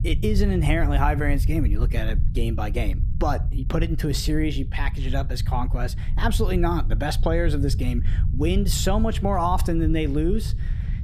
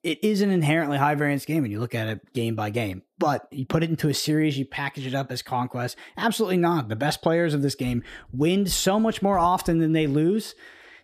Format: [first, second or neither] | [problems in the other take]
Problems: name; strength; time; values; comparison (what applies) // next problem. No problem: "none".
second | low rumble; noticeable; throughout; 15 dB below the speech